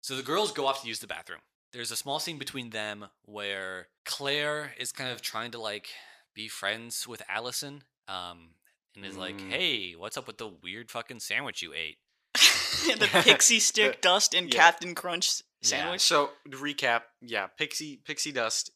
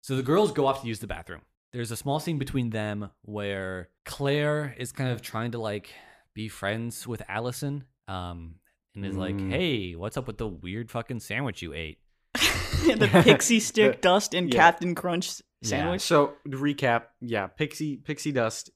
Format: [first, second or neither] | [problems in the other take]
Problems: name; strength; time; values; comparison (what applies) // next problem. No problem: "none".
second | thin; somewhat; fading below 1 kHz